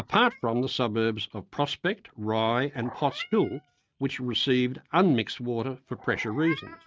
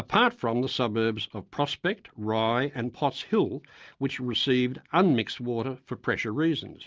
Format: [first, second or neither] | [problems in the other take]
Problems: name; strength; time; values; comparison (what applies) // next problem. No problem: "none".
second | noise reduction (neural mask model RNNoise)